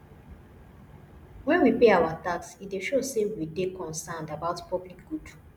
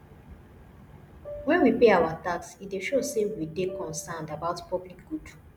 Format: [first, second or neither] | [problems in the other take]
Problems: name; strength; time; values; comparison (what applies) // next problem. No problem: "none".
first | background sound (Piano); 14 dB below the speech